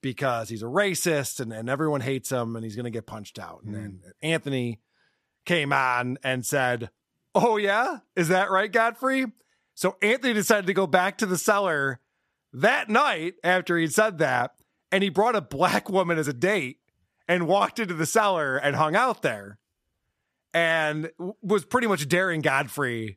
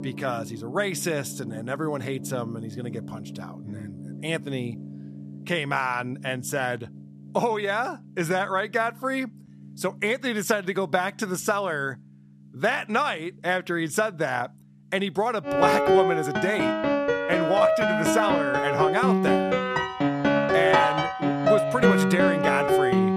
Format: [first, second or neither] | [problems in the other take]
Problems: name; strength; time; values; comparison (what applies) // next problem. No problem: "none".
first | background music; very loud; throughout; 4 dB above the speech